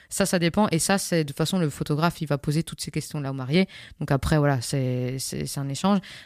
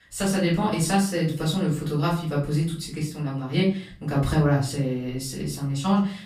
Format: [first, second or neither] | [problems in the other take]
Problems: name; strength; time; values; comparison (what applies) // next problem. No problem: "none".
first | off-mic speech; far // room echo; slight; dies away in 0.3 s